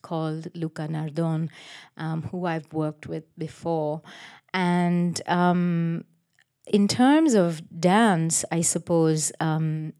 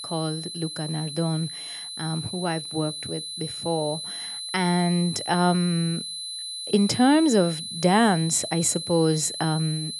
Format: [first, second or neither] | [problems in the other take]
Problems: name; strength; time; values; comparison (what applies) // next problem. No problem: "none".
first | high-pitched whine; loud; throughout; 4 kHz, 7 dB below the speech